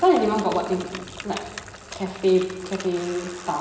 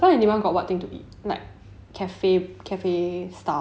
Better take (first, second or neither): second